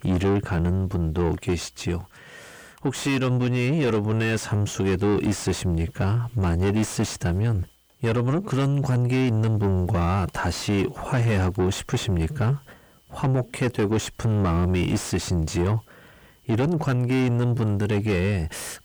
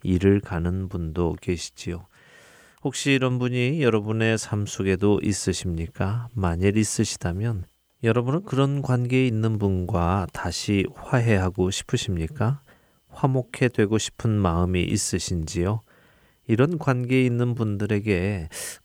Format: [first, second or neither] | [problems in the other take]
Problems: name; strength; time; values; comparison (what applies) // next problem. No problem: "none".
second | distortion; heavy; 6 dB below the speech